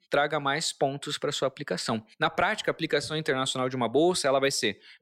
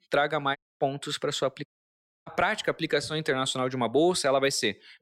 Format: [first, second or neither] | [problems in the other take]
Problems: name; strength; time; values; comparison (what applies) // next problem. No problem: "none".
first | audio cutting out; at 0.5 s and at 1.5 s for 0.5 s